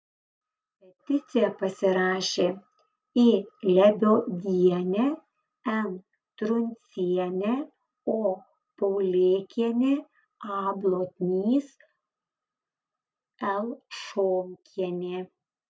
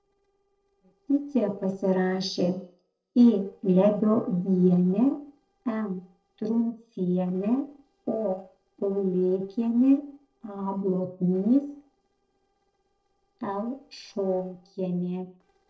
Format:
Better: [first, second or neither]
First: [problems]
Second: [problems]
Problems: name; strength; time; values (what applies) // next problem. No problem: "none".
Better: first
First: none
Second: noise reduction (neural separator model SepFormer DNS4)